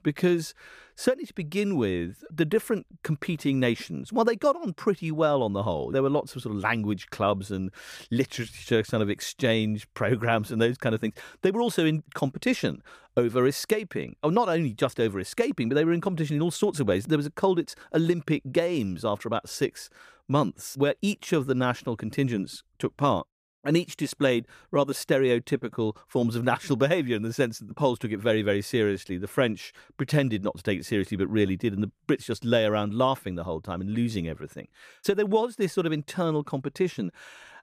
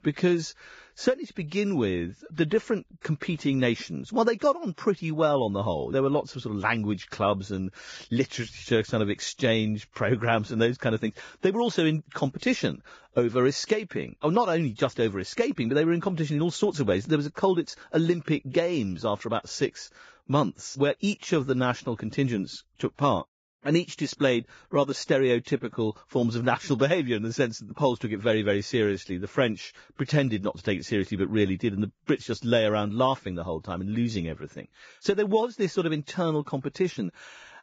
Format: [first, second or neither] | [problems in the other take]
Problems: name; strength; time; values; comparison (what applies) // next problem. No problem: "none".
first | garbled, watery; badly; nothing above 7.5 kHz